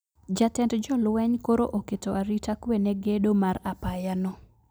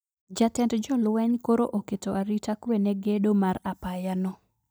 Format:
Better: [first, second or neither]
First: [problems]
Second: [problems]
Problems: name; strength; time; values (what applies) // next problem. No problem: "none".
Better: first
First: none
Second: noise reduction (neural mask model DeepFilterNet 3)